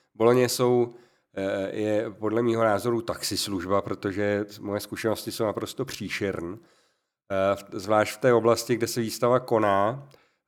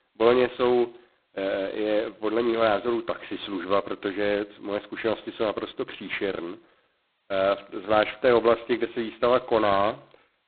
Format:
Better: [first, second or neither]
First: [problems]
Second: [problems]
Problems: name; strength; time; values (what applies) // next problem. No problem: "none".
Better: first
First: none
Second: phone-call audio; poor line; nothing above 4 kHz